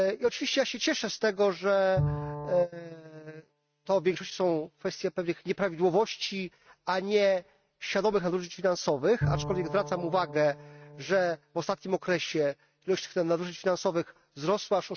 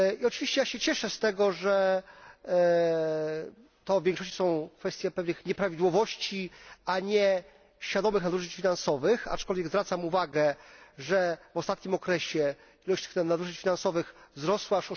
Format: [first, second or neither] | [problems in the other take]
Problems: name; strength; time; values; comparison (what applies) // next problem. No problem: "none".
second | noise reduction (neural mask model RNNoise)